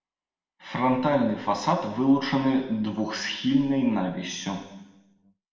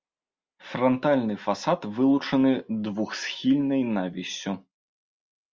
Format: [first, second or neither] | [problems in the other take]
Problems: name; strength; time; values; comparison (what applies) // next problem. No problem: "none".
second | room echo; dies away in 1 s